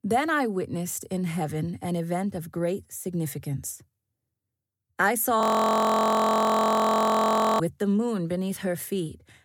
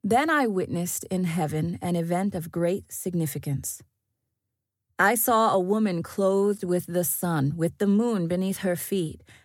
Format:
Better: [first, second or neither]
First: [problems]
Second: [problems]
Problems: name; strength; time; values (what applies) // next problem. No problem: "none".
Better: second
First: audio freezing; at 5.5 s for 2 s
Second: none